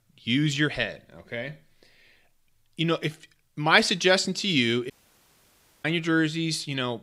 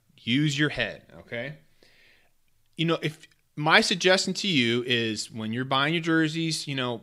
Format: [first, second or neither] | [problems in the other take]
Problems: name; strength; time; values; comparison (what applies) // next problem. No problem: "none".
second | audio cutting out; at 5 s for 1 s